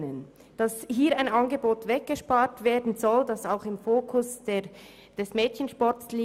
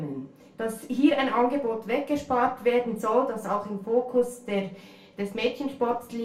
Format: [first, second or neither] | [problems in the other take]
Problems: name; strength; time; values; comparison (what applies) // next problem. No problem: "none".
first | room echo; dies away in 0.3 s